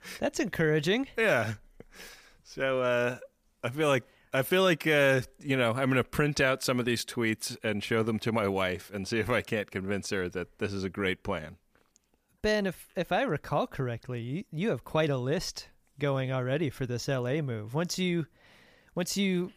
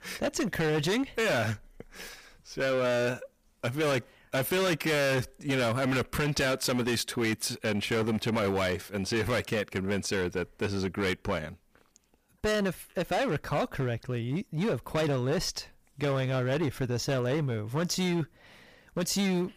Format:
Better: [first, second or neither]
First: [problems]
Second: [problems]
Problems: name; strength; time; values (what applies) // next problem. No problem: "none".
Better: first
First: none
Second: distortion; heavy; 16% of the sound clipped